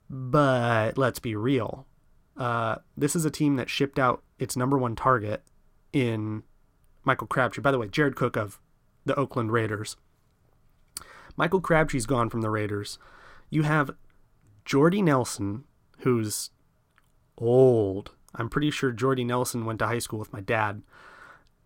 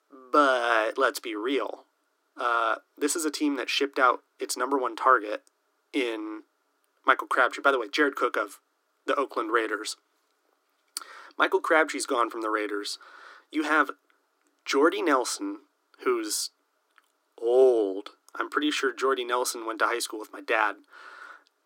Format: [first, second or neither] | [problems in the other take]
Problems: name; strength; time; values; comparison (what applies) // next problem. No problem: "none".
first | thin; somewhat; fading below 300 Hz